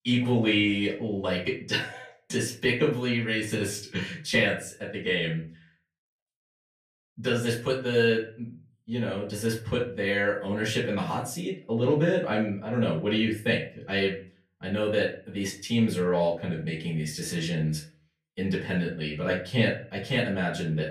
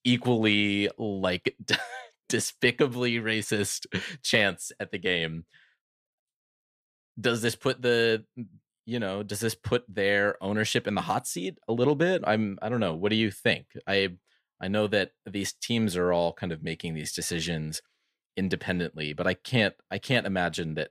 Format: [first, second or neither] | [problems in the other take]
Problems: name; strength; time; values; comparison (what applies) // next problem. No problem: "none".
second | off-mic speech; far // room echo; slight; dies away in 0.3 s